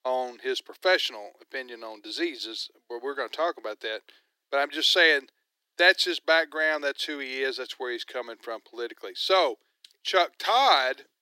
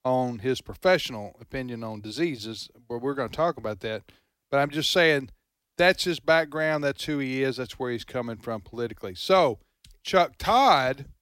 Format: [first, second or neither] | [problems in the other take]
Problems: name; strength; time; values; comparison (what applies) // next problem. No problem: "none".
second | thin; very; fading below 350 Hz